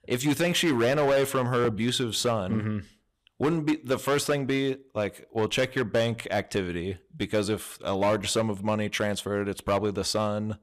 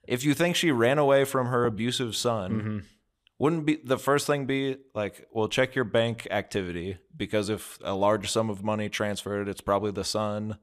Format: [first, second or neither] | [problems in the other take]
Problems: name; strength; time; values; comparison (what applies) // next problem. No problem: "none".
second | distortion; slight; 7% of the sound clipped